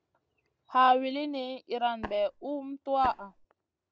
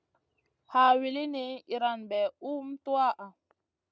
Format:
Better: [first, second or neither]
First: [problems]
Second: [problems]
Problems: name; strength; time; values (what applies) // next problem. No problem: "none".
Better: second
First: background sound (Tap); 12 dB below the speech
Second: none